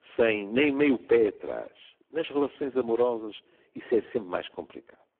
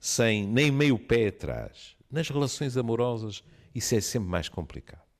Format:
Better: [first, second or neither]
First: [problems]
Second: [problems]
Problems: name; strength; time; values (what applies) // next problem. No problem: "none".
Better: second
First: phone-call audio; poor line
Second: none